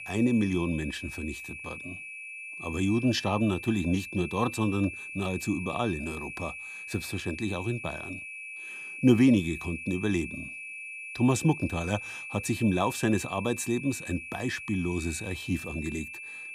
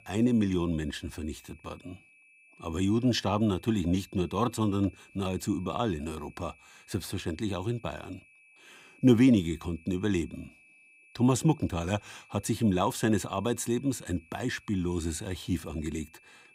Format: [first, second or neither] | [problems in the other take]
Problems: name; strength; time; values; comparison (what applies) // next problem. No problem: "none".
second | high-pitched whine; loud; throughout; 2.5 kHz, 9 dB below the speech; faint in the second